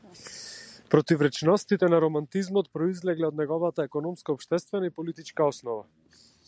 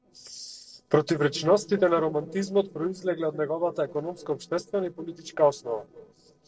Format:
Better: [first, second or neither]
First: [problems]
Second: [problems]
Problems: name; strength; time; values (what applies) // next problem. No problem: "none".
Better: first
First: none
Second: noise reduction (neural separator model SepFormer DNS4)